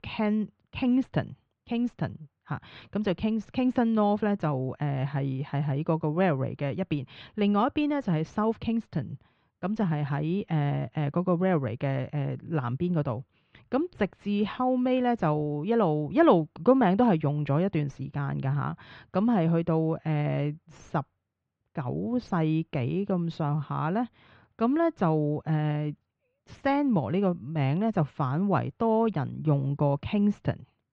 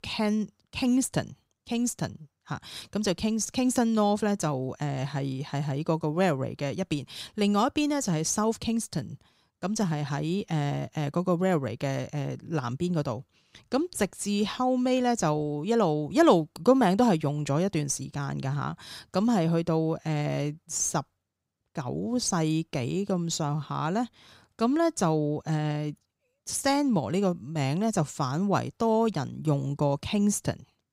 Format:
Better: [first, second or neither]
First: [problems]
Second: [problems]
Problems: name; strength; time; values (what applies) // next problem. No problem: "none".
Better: second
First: muffled; very; fading above 3 kHz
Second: none